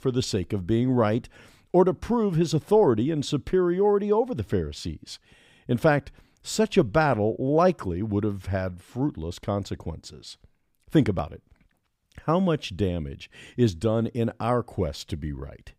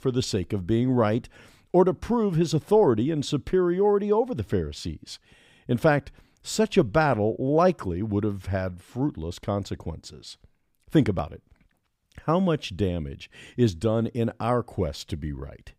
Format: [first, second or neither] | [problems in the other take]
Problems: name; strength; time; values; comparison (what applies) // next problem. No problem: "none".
neither | none